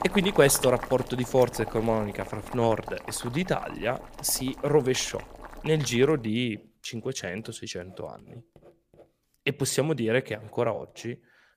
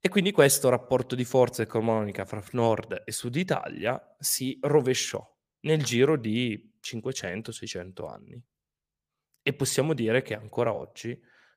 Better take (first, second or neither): second